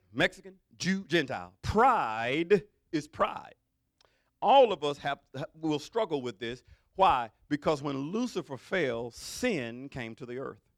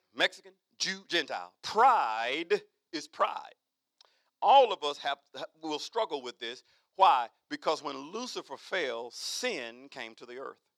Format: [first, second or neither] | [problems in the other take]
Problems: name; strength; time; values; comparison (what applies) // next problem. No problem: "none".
first | thin; somewhat; fading below 400 Hz